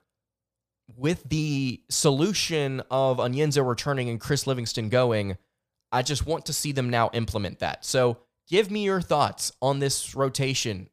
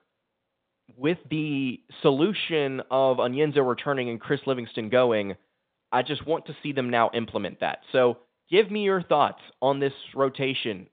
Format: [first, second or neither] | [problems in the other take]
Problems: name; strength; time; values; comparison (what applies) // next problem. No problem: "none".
first | phone-call audio; nothing above 3.5 kHz